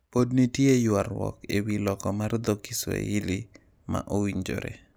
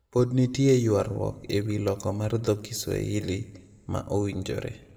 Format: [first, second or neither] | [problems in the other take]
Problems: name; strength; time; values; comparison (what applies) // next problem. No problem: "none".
first | room echo; dies away in 1.2 s